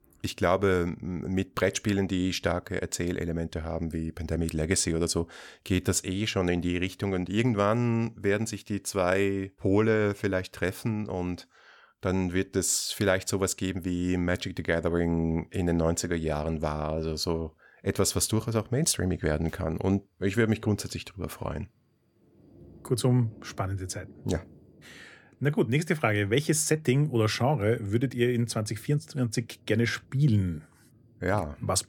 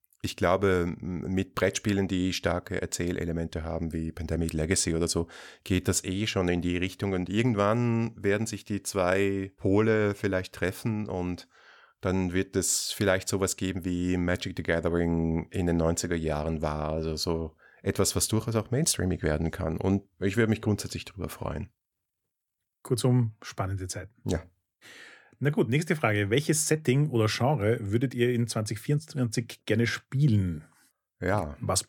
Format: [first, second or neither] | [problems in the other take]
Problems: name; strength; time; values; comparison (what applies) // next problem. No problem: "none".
second | rain or running water; faint; throughout; 30 dB below the speech